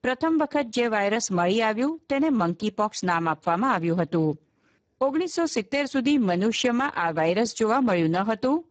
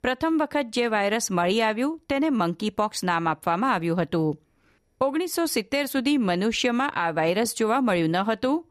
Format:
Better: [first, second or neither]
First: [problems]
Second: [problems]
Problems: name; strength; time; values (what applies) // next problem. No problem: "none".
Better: second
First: garbled, watery; badly; nothing above 7.5 kHz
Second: none